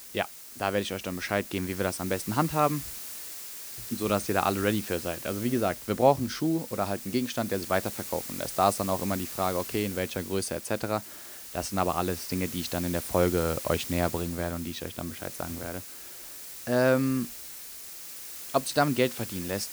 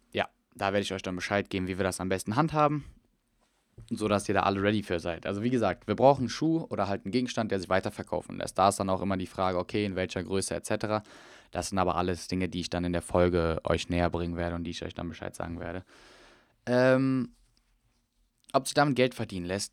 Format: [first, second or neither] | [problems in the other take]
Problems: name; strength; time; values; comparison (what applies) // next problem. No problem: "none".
second | hiss; loud; throughout; 9 dB below the speech